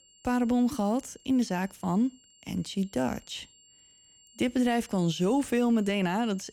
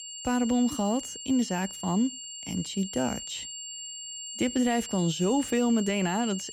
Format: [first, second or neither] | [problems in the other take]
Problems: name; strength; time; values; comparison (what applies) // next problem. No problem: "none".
first | high-pitched whine; loud; throughout; 7.5 kHz, 9 dB below the speech; faint in the first